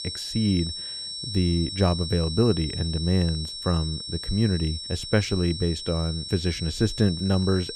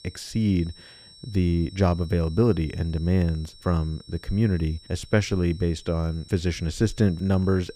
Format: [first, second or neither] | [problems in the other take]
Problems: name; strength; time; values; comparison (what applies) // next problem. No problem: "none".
second | high-pitched whine; loud; throughout; 5.5 kHz, 7 dB below the speech; faint in the second